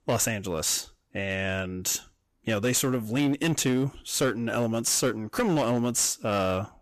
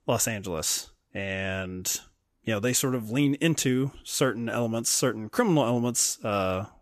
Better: second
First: distortion; slight; 8% of the sound clipped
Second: none

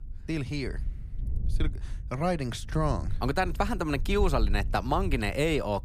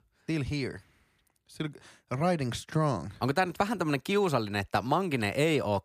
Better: second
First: wind noise on the microphone; occasional gusts; 25 dB below the speech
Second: none

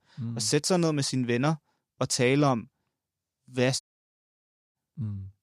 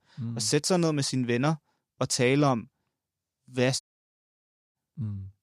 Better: neither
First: audio cutting out; at 4 s for 1 s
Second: audio cutting out; at 4 s for 1 s

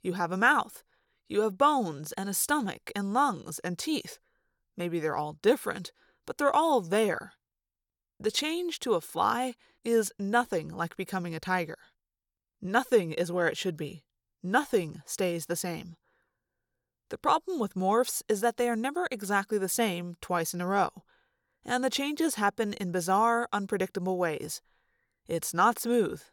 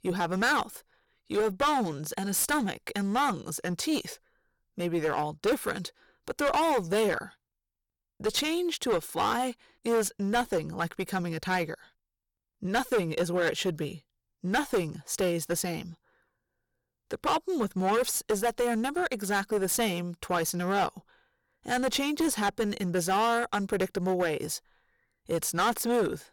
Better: first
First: none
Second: distortion; heavy; 9% of the sound clipped

